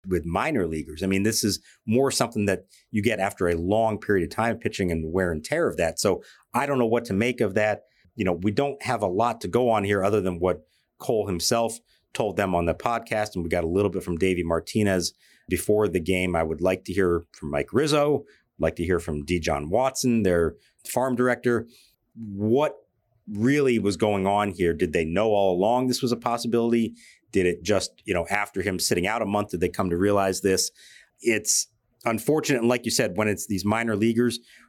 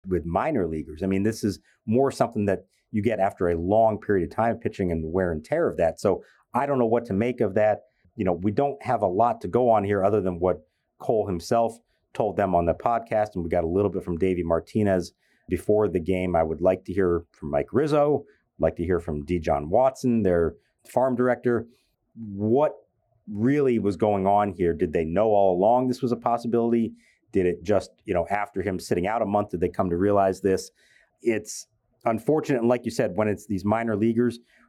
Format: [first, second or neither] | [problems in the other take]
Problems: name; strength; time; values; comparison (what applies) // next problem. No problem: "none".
first | muffled; very; fading above 2 kHz